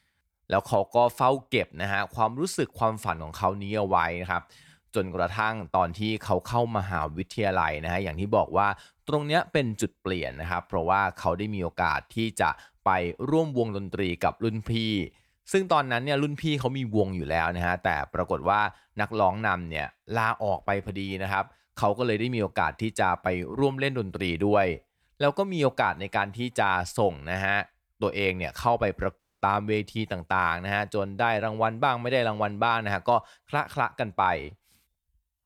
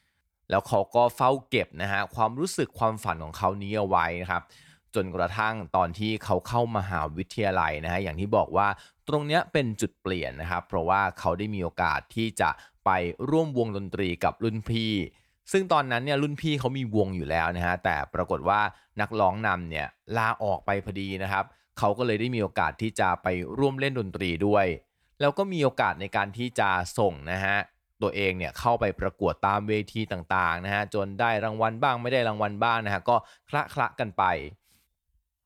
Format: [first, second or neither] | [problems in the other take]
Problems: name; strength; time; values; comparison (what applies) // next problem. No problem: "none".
second | audio cutting out; at 29 s